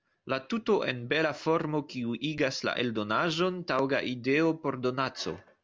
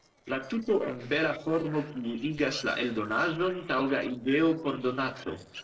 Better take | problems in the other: first | noise reduction (neural separator model SepFormer DNS4)

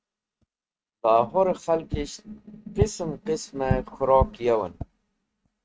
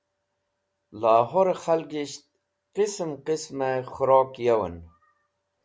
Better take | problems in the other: second | noise reduction (neural mask model RNNoise)

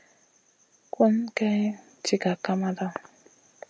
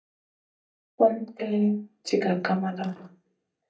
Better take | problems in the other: first | noise reduction (neural mask model DeepFilterNet 3)

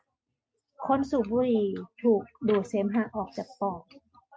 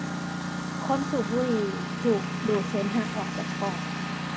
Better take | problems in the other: first | background sound (Engine); 1 dB below the speech

